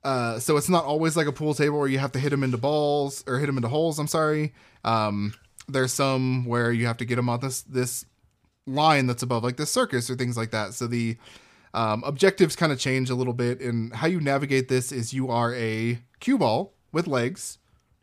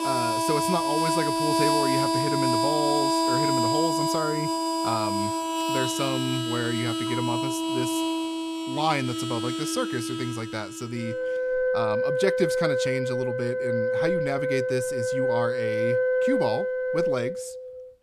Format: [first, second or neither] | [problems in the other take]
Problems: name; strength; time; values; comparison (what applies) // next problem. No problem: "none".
first | background music; very loud; throughout; 4 dB above the speech